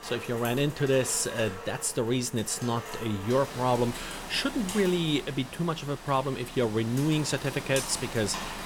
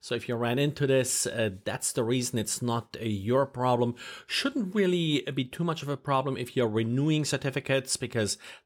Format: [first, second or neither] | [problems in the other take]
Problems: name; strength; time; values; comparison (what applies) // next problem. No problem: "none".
second | rain or running water; noticeable; throughout; 10 dB below the speech